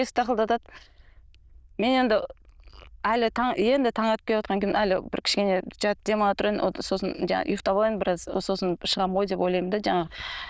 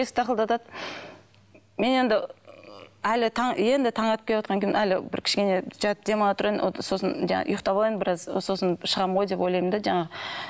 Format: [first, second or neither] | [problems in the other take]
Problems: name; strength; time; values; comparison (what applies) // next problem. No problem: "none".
second | noise reduction (neural diffusion model UNIVERSE++)